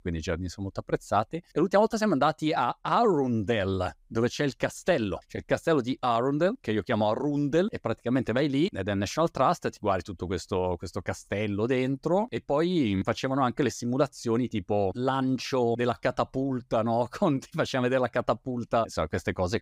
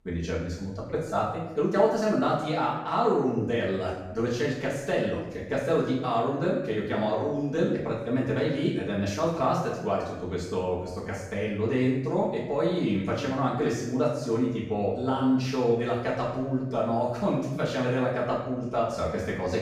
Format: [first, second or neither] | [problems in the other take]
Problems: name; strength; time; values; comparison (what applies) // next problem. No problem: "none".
first | off-mic speech; far // room echo; noticeable; dies away in 0.8 s